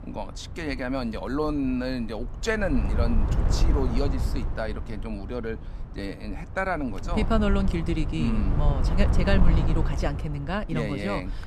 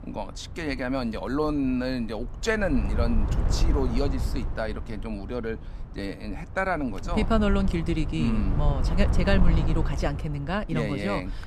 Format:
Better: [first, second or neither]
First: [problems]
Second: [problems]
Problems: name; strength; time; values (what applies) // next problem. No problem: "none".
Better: second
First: wind noise on the microphone; heavy; 8 dB below the speech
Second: wind noise on the microphone; occasional gusts; 10 dB below the speech